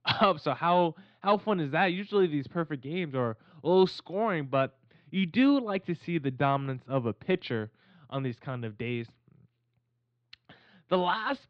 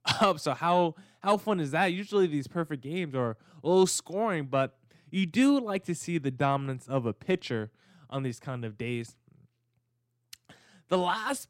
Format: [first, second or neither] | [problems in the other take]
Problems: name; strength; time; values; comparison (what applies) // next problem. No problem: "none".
second | muffled; very slightly; fading above 4 kHz